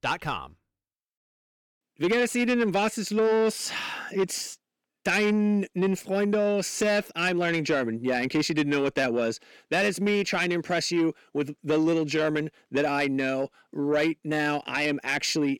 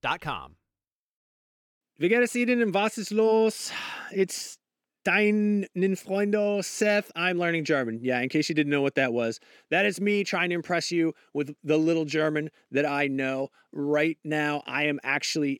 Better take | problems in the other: second | distortion; slight; 10 dB below the speech

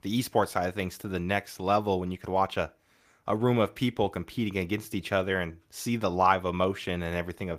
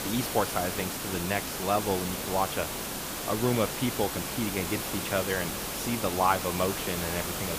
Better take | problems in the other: first | hiss; loud; throughout; 2 dB below the speech

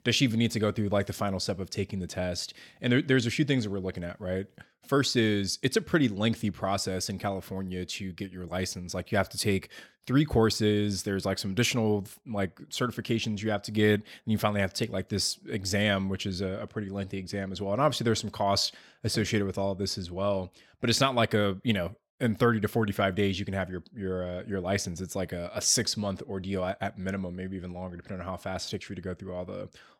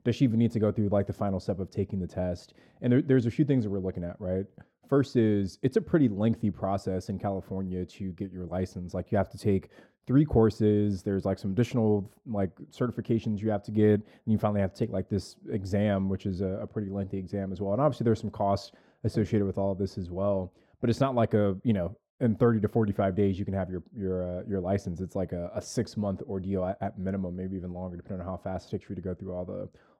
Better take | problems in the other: first | muffled; very; fading above 1.5 kHz

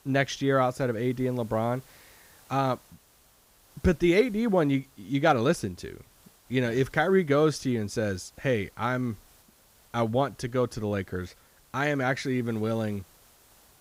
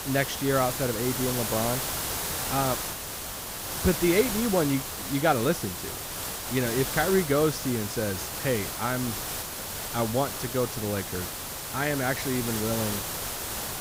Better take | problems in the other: first | hiss; loud; throughout; 3 dB below the speech; faint in the first

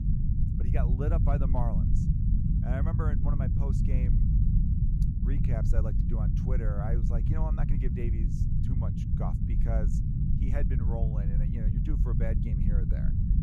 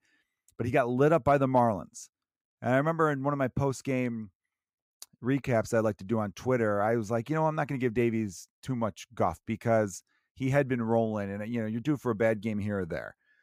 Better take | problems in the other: second | low rumble; loud; throughout; as loud as the speech

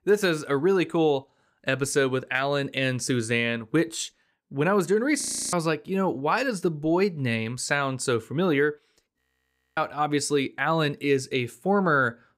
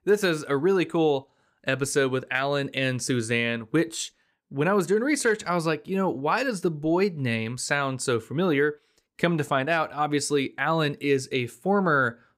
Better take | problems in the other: second | audio freezing; at 5 s and at 9 s for 0.5 s

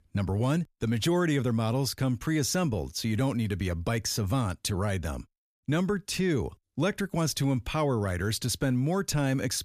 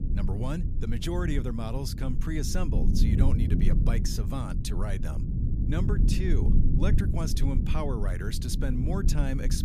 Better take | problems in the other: first | low rumble; loud; throughout; 4 dB below the speech

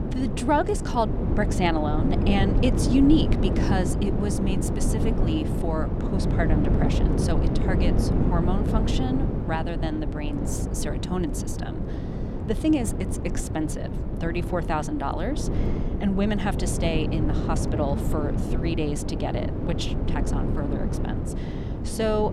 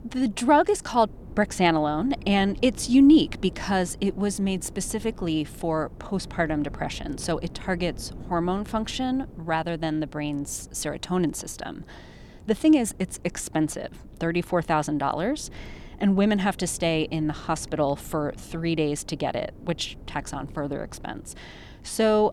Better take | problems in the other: second | wind noise on the microphone; heavy; 4 dB below the speech; occasional gusts in the second

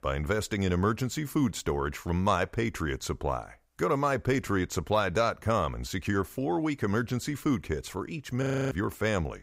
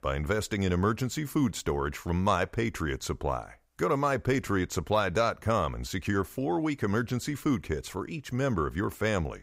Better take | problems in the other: second | audio freezing; at 8.5 s

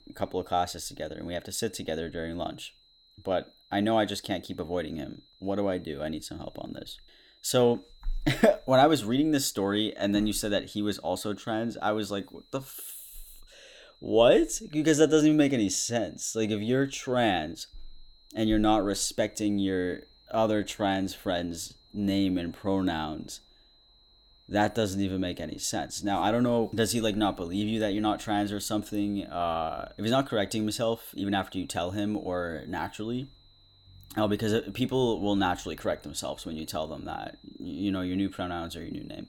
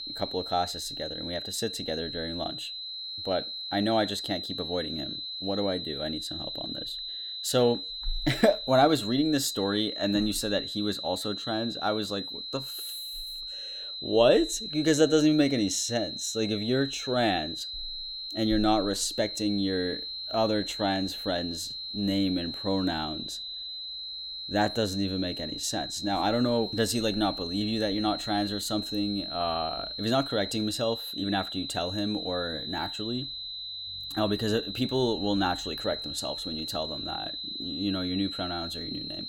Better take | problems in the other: first | high-pitched whine; loud; throughout; 4 kHz, 5 dB below the speech; faint in the first

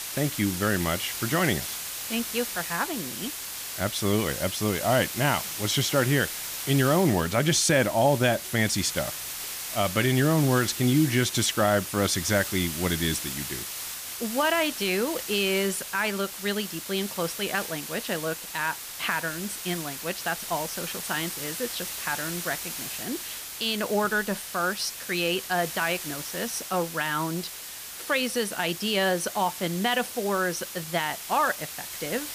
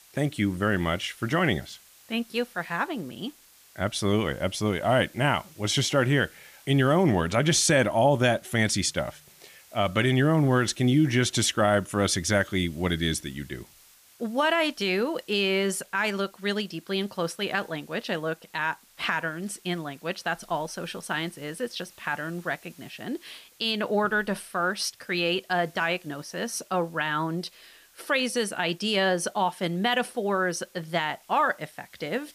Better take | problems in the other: second | hiss; loud; throughout; 6 dB below the speech; faint in the second

